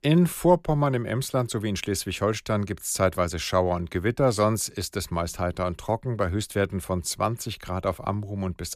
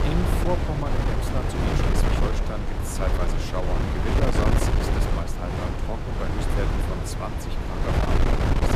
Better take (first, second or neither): first